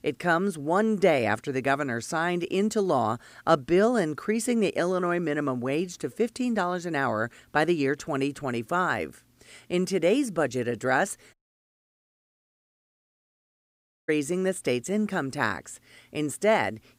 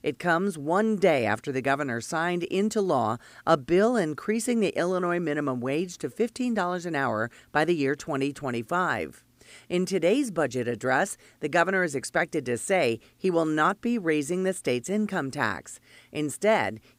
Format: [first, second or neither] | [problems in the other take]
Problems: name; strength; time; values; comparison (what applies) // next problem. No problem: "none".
second | audio cutting out; at 11 s for 2.5 s